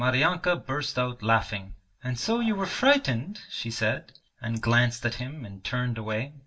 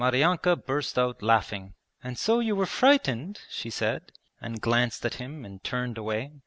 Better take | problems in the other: second | background sound (Dog); 19 dB below the speech // room echo; dies away in 0.2 s

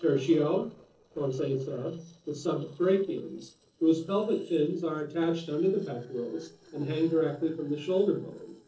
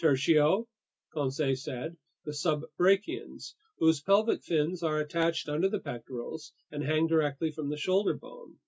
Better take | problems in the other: second | noise reduction (neural separator model SepFormer DNS4)

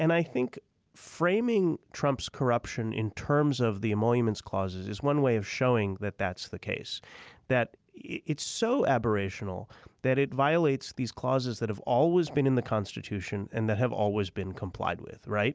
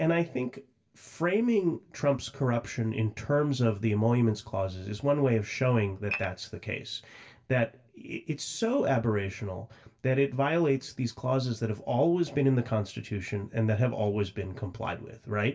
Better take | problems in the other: first | background sound (Dishes, pots, and pans / Glass); 7 dB below the speech // room echo; dies away in 0.2 s

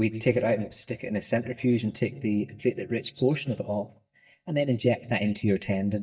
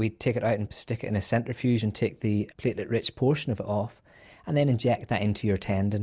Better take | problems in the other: second | noise reduction (neural mask model DeepFilterNet 3)

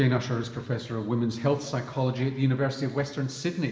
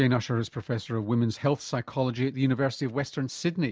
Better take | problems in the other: second | room echo; dies away in 1.7 s

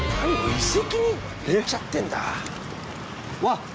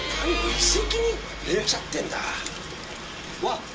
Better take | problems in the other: first | background sound (Train); 17 dB below the speech // room echo; dies away in 0.2 s

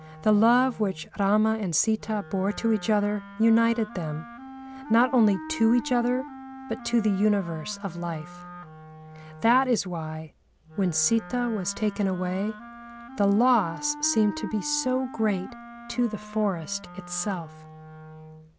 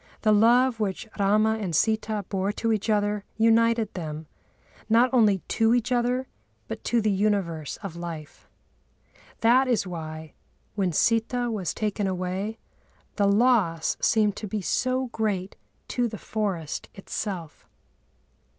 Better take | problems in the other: second | background sound (Wind instrument, woodwind instrument); 15 dB below the speech

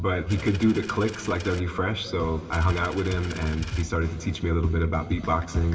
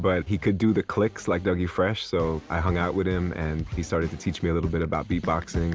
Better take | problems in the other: second | background sound (Coin (dropping)); 16 dB below the speech // room echo; dies away in 1.8 s

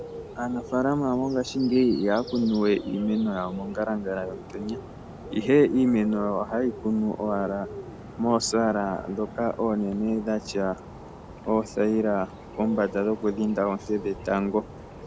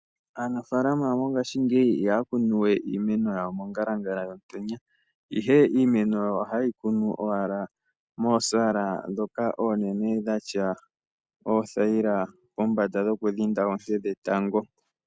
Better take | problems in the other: second | background sound (Bird); 14 dB below the speech

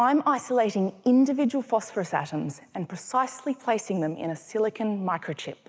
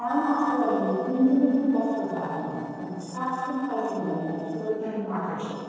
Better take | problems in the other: first | noise reduction (neural separator model SepFormer DNS4)

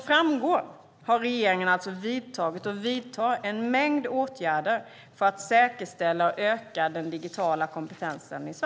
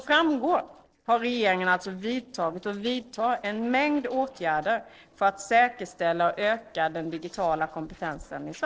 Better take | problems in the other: first | noise reduction (neural separator model SepFormer DNS4)

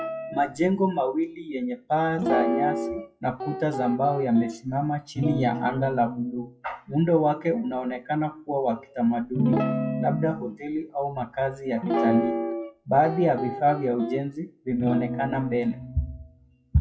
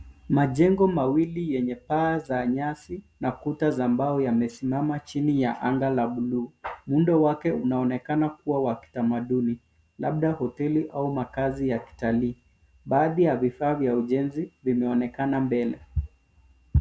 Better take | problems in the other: second | noise reduction (classical method WPE with log-MMSE)

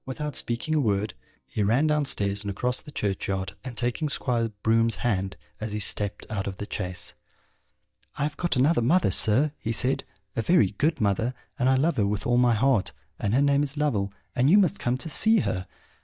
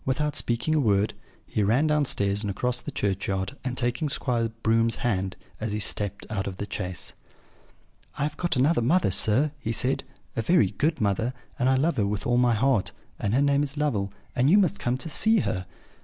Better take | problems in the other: second | noise reduction (neural mask model DeepFilterNet 3)

